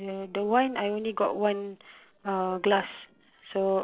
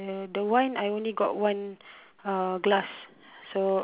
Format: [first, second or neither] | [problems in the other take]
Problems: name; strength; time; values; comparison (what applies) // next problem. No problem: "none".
second | noise reduction (neural separator model SepFormer DNS4)